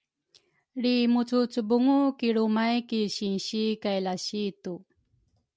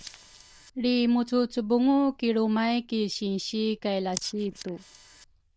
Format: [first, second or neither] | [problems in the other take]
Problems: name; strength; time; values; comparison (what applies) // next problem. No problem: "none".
first | noise reduction (neural diffusion model UNIVERSE++)